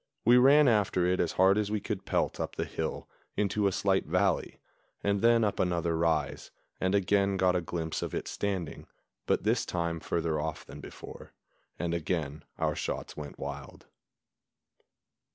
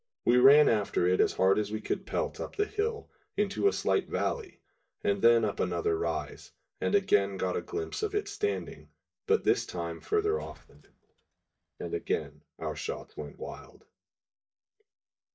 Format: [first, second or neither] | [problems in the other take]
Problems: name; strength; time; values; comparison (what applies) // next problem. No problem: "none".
first | noise reduction (neural mask model DeepFilterNet 3)